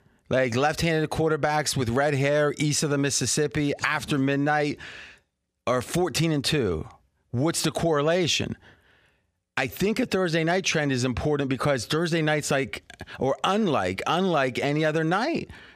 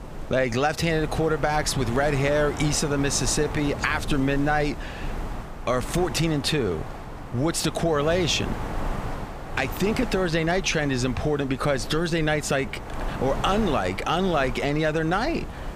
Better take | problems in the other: first | wind noise on the microphone; occasional gusts; 10 dB below the speech

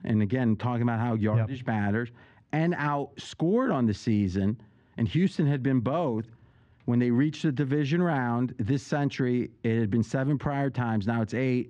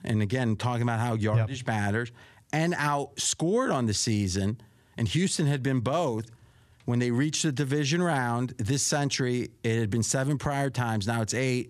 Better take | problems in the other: second | muffled; very; fading above 2.5 kHz

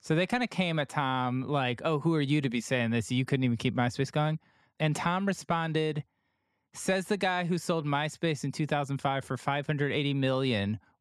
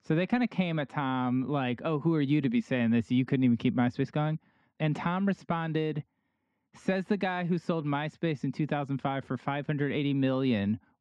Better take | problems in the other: first | muffled; slightly; fading above 3.5 kHz

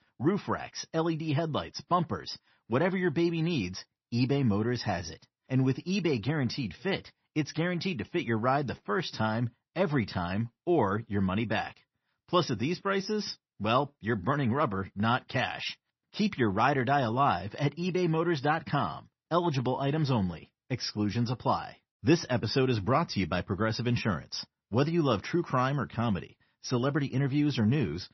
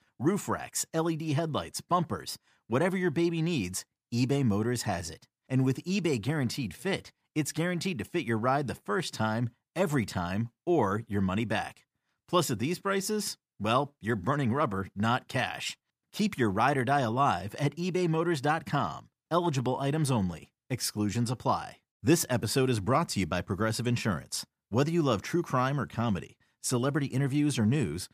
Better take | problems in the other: second | garbled, watery; slightly; nothing above 6 kHz

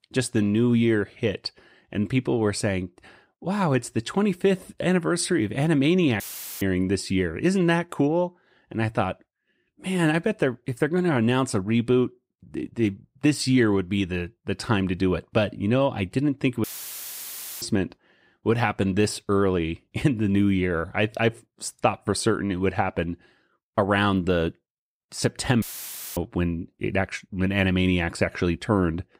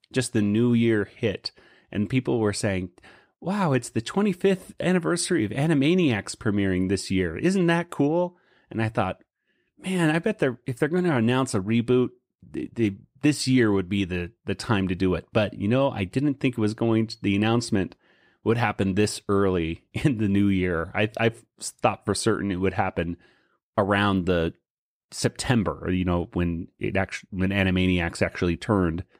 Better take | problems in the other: second | audio cutting out; filled with static; at 6 s, at 17 s for 1 s and at 26 s for 0.5 s

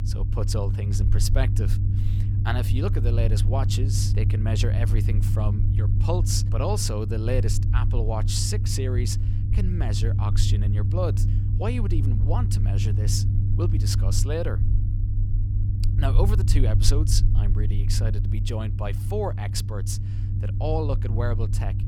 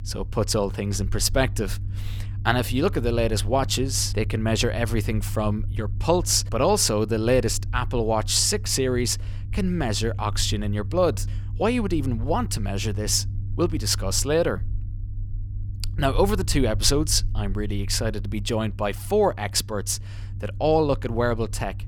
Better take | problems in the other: second | low rumble; loud; throughout; 6 dB below the speech; faint in the second

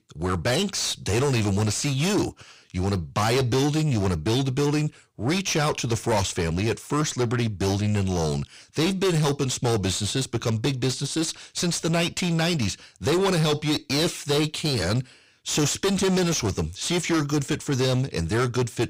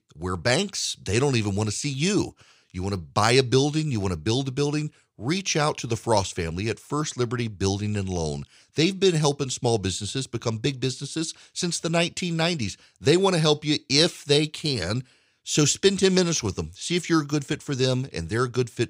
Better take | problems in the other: second | distortion; heavy; 6 dB below the speech

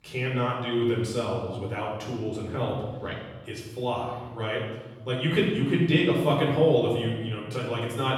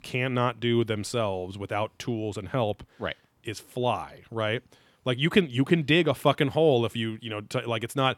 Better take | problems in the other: second | off-mic speech; far // room echo; noticeable; dies away in 1.3 s

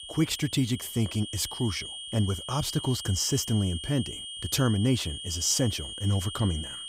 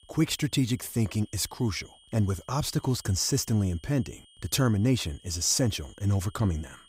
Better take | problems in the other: second | high-pitched whine; loud; throughout; 3 kHz, 8 dB below the speech; faint in the second

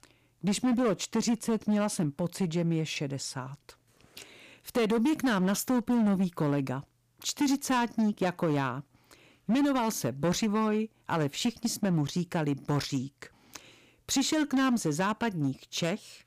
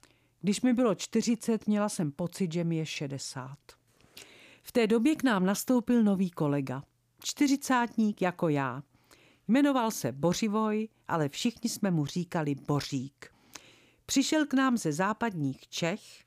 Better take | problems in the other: second | distortion; slight; 10% of the sound clipped

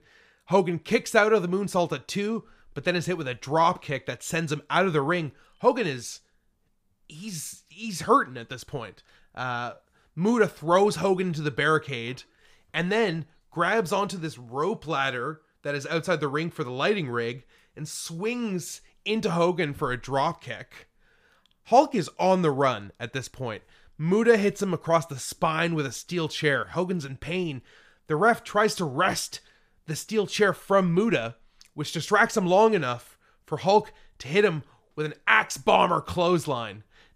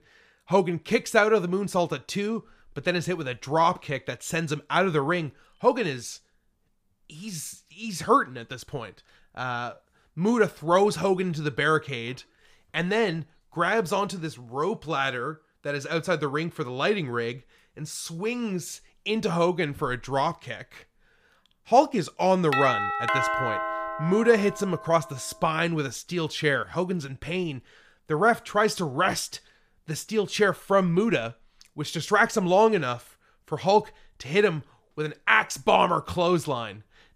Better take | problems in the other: first | doorbell; loud; from 23 to 25 s; peak 1 dB above the speech

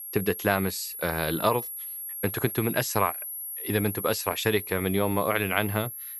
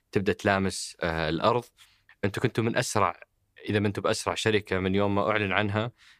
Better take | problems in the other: second | high-pitched whine; loud; throughout; 11.5 kHz, 7 dB below the speech

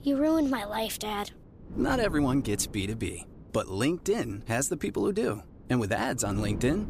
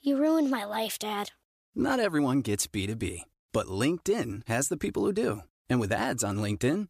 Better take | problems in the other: second | wind noise on the microphone; occasional gusts; 20 dB below the speech

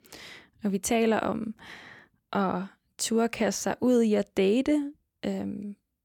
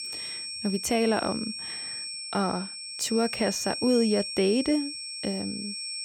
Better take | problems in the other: first | high-pitched whine; loud; throughout; 5.5 kHz, 6 dB below the speech

